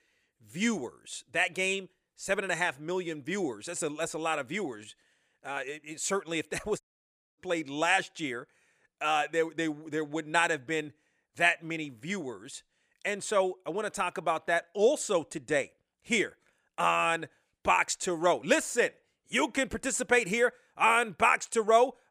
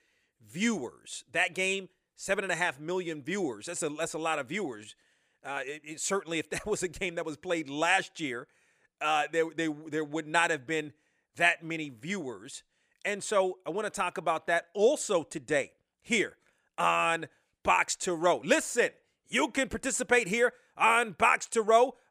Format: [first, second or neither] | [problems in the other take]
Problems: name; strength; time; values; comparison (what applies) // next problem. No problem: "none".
second | audio cutting out; at 7 s for 0.5 s